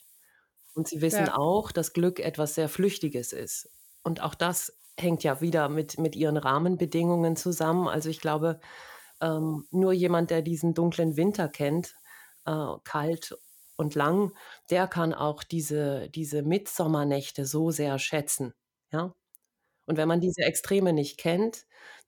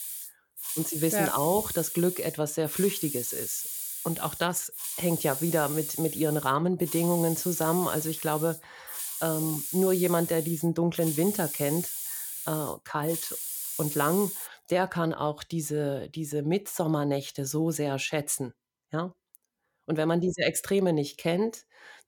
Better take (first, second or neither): first